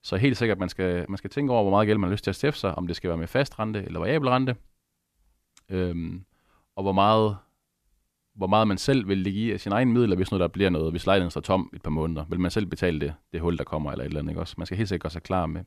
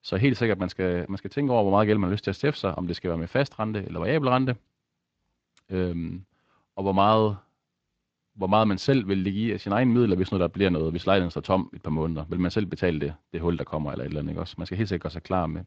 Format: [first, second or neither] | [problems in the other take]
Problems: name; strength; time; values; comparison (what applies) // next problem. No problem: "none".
first | garbled, watery; slightly; nothing above 7.5 kHz